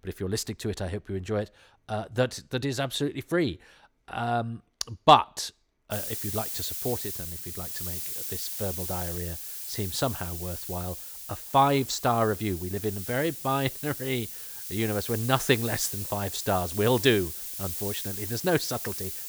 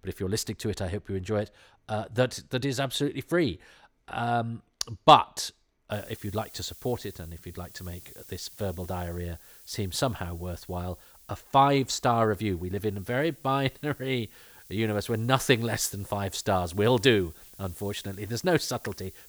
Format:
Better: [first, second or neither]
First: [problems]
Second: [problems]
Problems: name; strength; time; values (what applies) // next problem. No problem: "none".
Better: second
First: hiss; loud; from 6 s on; 5 dB below the speech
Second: hiss; faint; from 6 s on; 20 dB below the speech